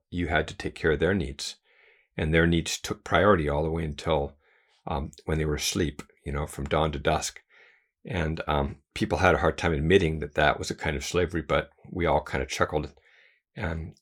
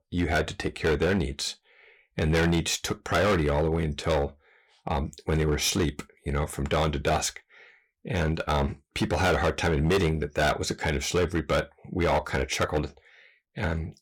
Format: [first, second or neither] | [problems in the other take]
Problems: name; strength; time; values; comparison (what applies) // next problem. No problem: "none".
first | distortion; heavy; 9% of the sound clipped